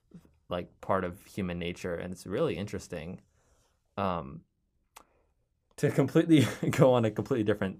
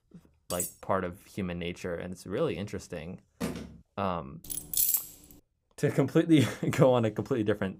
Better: first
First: none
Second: clattering dishes; noticeable; at 0.5 s; peak 5 dB below the speech // phone ringing; noticeable; at 3.5 s; peak 7 dB below the speech // jangling keys; loud; at 4.5 s; peak 5 dB above the speech

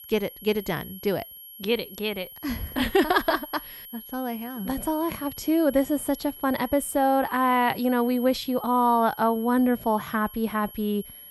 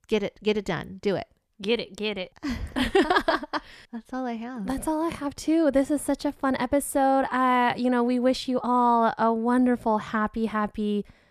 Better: second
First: high-pitched whine; noticeable; throughout; 11.5 kHz, 15 dB below the speech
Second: none

